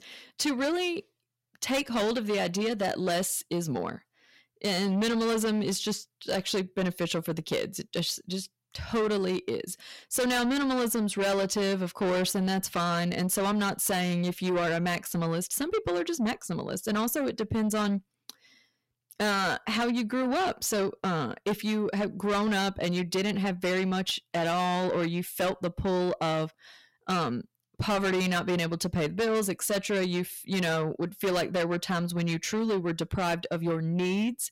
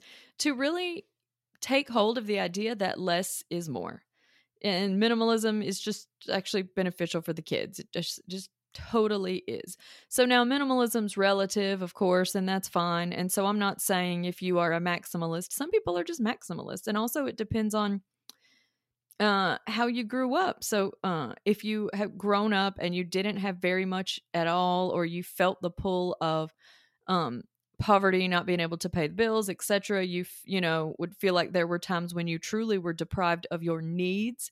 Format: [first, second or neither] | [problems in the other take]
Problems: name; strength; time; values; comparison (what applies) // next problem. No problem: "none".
second | distortion; heavy; 6 dB below the speech